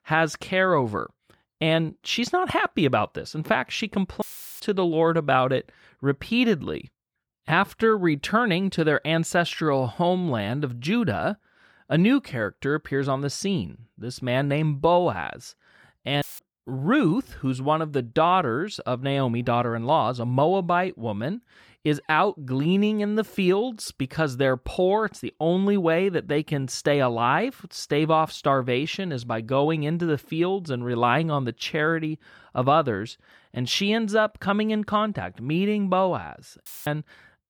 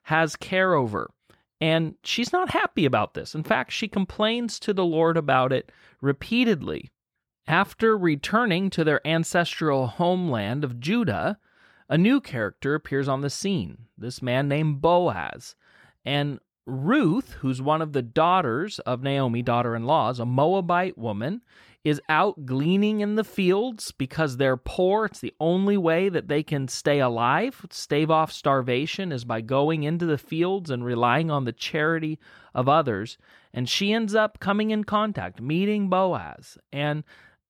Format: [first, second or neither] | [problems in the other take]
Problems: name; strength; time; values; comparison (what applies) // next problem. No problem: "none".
second | audio cutting out; filled with static; at 4 s, at 16 s and at 37 s